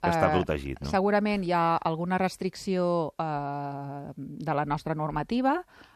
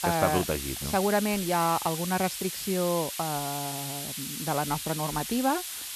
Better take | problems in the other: first | hiss; loud; throughout; 5 dB below the speech

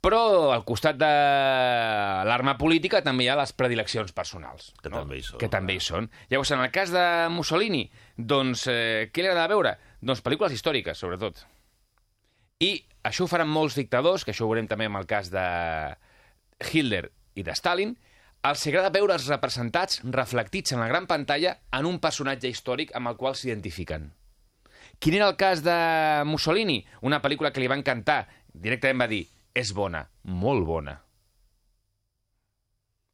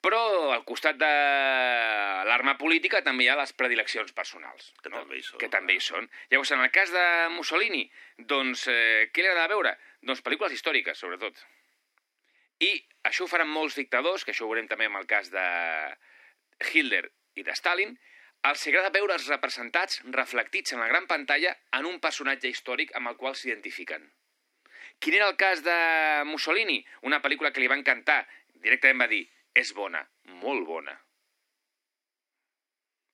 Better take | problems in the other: first | thin; somewhat; fading below 250 Hz

